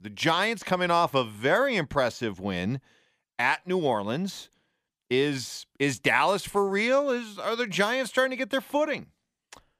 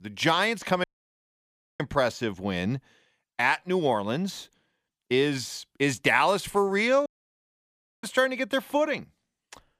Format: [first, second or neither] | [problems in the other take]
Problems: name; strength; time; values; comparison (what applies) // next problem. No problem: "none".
first | audio cutting out; at 1 s for 1 s and at 7 s for 1 s